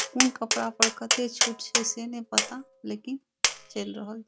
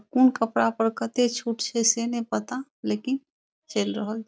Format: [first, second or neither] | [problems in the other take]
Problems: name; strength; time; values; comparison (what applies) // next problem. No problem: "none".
second | background sound (Tap); 3 dB above the speech